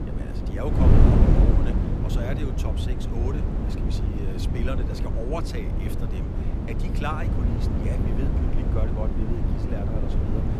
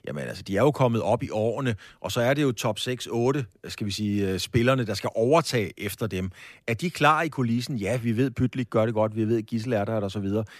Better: second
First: wind noise on the microphone; heavy; 2 dB above the speech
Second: none

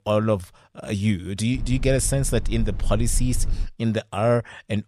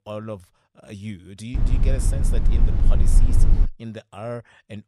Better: first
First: low rumble; faint; from 1.5 to 3.5 s; 20 dB below the speech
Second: low rumble; loud; from 1.5 to 3.5 s; 2 dB below the speech

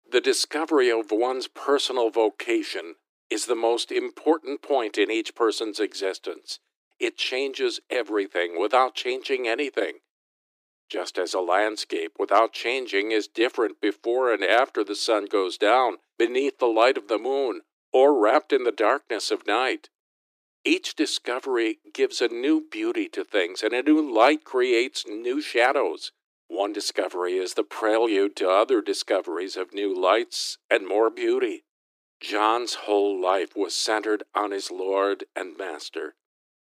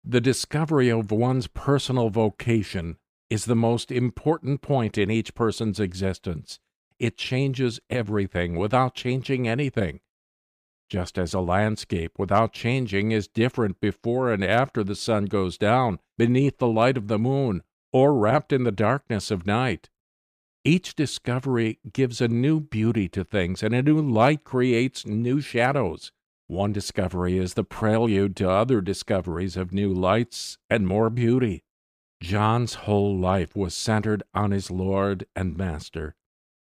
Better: second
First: thin; very; fading below 300 Hz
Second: none

